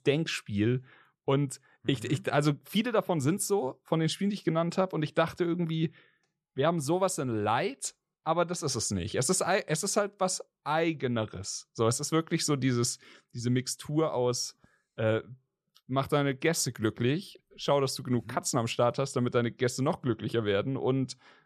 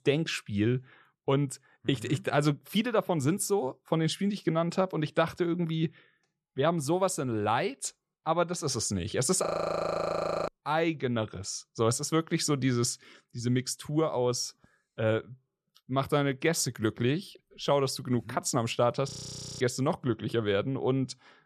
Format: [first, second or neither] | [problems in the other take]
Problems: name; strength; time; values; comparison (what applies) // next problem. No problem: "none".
first | audio freezing; at 9.5 s for 1 s and at 19 s for 0.5 s